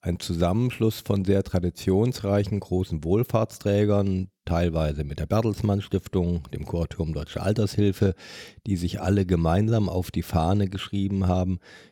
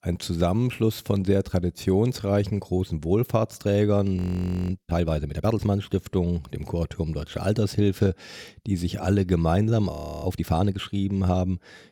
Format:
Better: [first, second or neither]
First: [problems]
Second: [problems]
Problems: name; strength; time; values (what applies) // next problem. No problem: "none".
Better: first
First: none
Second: audio freezing; at 4 s for 0.5 s and at 10 s